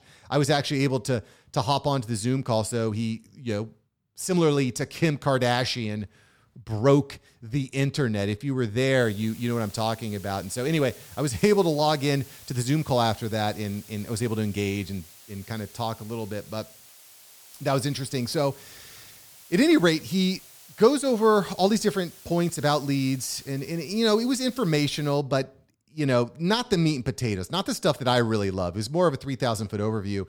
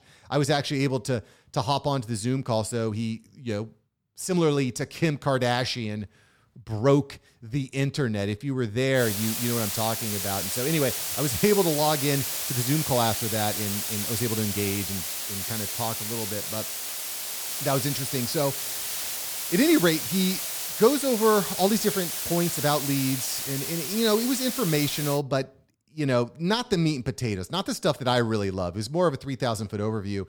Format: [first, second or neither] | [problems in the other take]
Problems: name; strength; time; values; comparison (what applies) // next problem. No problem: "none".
first | hiss; loud; from 9 to 25 s; 2 dB below the speech; faint in the first